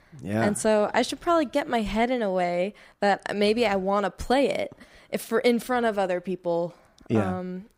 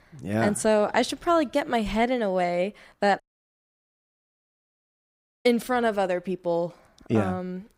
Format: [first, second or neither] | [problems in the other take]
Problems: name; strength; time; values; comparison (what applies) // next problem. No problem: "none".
first | audio cutting out; at 3 s for 2.5 s